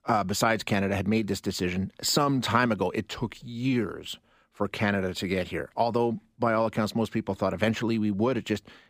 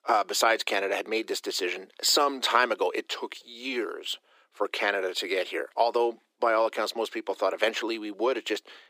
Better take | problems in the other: first | thin; very; fading below 350 Hz

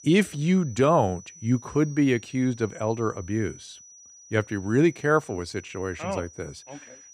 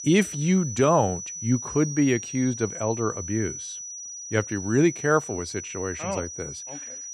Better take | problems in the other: first | high-pitched whine; loud; throughout; 6 kHz, 9 dB below the speech; faint in the first

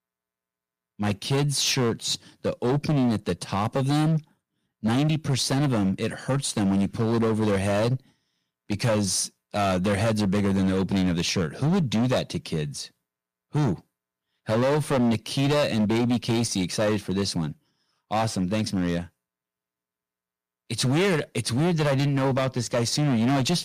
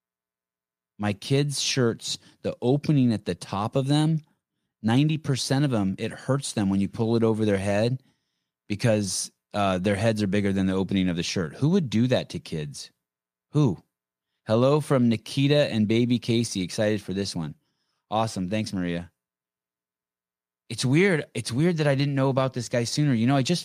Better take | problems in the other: second | distortion; heavy; 14% of the sound clipped

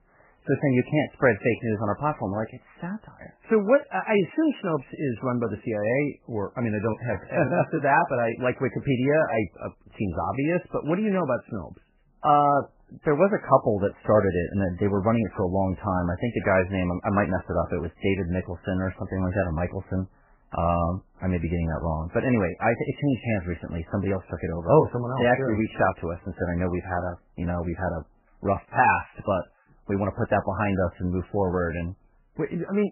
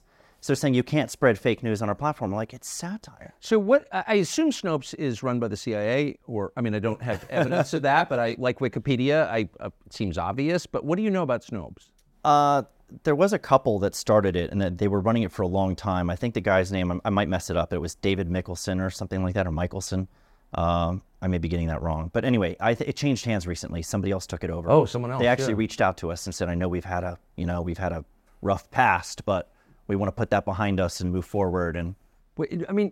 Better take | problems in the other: second | garbled, watery; badly; nothing above 3 kHz

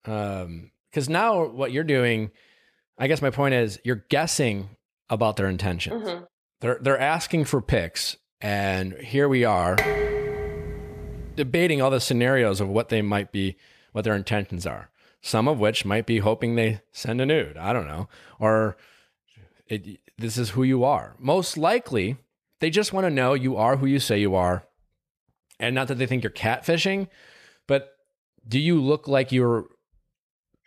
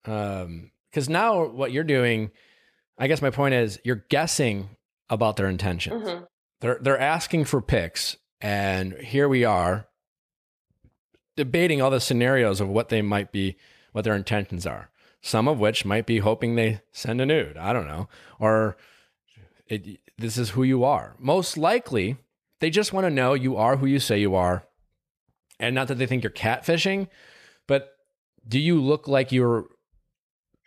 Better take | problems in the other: second | clattering dishes; loud; from 10 to 11 s; peak 2 dB above the speech

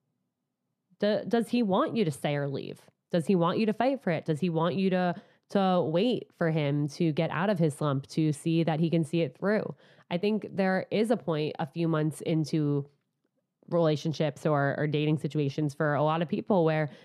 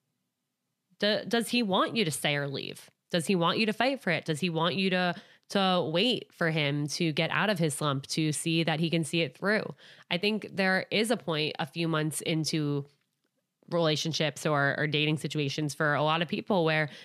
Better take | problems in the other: second | muffled; slightly; fading above 1.5 kHz

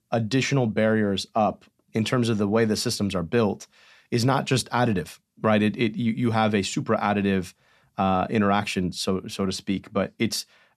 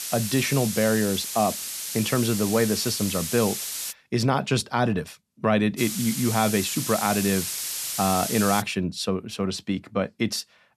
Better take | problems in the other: first | hiss; loud; until 4 s and from 6 to 8.5 s; 4 dB below the speech

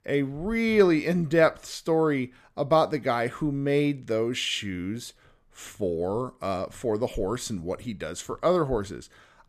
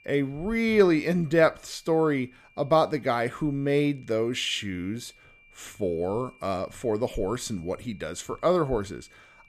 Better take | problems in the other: first | high-pitched whine; faint; throughout; 2.5 kHz, 30 dB below the speech

